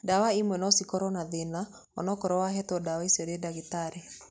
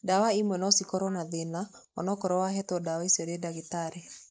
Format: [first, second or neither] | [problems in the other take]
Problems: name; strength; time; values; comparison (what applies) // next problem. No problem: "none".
first | noise reduction (neural mask model Resemble Enhance denoiser)